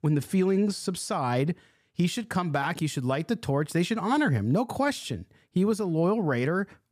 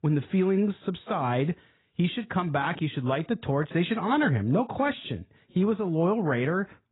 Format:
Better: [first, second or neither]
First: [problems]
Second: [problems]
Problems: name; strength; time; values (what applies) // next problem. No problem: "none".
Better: first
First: none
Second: garbled, watery; badly; nothing above 4 kHz